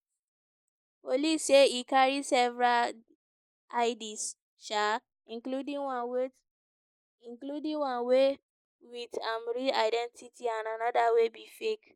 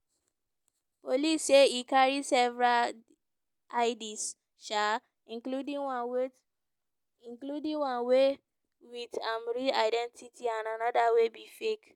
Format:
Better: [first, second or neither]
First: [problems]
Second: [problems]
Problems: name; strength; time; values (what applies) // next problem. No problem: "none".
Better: second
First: noise reduction (neural mask model Resemble Enhance denoiser)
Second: none